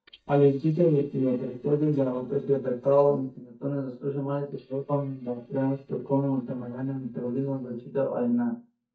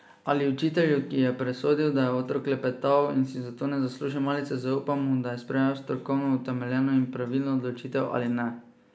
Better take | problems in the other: second | noise reduction (neural mask model DeepFilterNet 3)

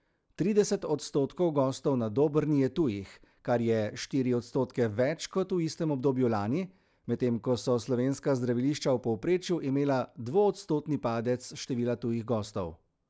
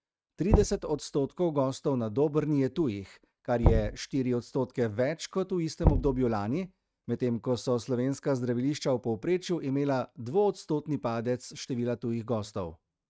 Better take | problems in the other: first | noise reduction (neural mask model RNNoise)

